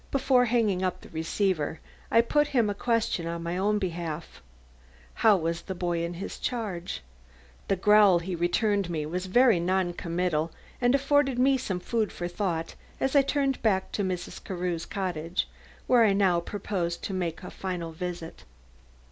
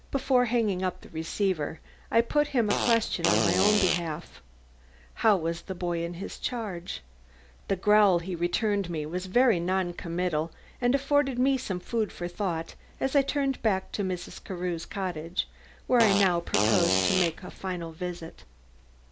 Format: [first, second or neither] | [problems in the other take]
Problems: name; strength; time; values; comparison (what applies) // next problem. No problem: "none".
first | background sound (Fart); as loud as the speech